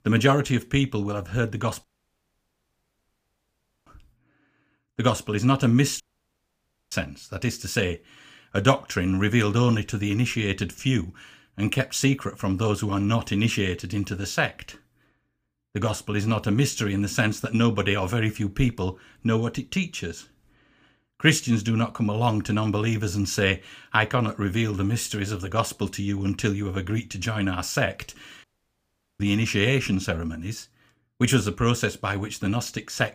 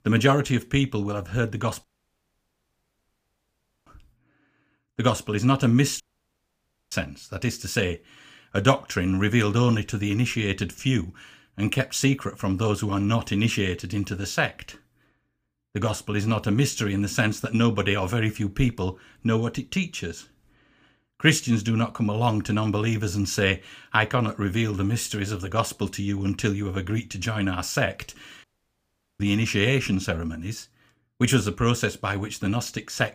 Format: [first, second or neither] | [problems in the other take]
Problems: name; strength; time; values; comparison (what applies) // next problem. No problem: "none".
neither | audio cutting out; at 2 s for 2 s, at 6 s for 1 s and at 28 s for 1 s; the same in both